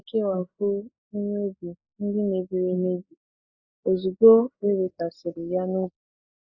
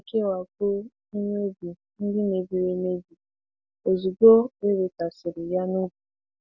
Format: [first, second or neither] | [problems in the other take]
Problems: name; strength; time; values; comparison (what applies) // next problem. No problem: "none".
second | noise reduction (neural mask model Resemble Enhance denoiser)